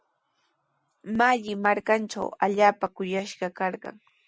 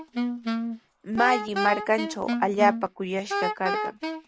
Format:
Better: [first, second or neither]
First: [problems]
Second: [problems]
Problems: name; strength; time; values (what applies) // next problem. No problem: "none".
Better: first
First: none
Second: background sound (Wind instrument, woodwind instrument); 3 dB below the speech